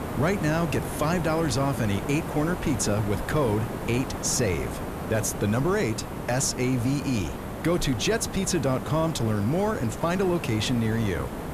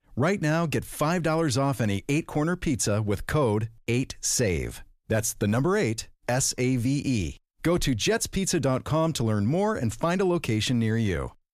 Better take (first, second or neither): second